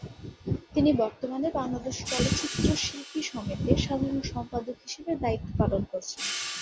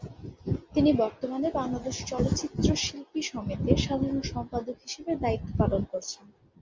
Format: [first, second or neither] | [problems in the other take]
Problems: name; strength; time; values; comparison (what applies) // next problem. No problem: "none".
second | background sound (Hi-hat); 12 dB below the speech